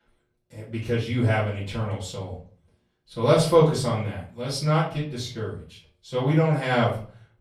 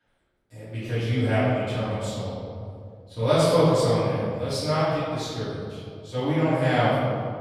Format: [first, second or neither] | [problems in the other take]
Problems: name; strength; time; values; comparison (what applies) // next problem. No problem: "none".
first | room echo; strong; dies away in 2.1 s; slight in the first // off-mic speech; far; far in the first